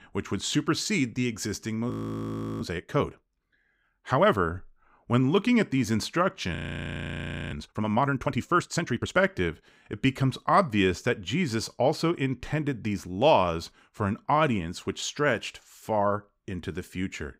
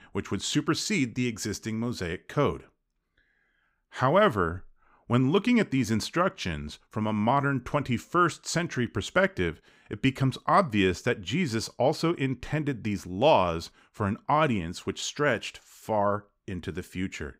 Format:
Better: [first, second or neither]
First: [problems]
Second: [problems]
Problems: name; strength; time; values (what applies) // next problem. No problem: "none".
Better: second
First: audio freezing; at 2 s for 0.5 s and at 6.5 s for 1 s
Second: none